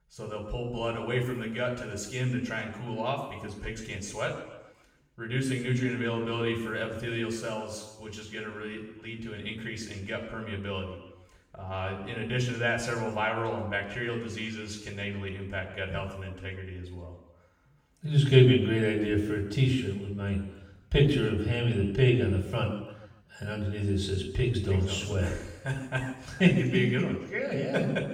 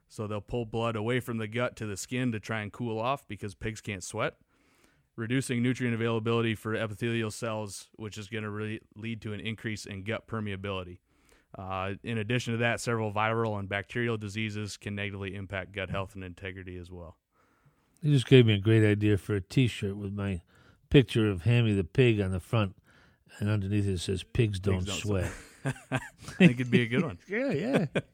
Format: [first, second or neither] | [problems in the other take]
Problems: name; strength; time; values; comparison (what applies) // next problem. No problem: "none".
second | room echo; noticeable; dies away in 0.9 s // off-mic speech; far